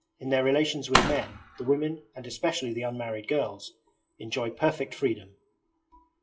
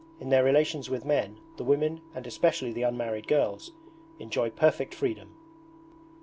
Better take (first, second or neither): second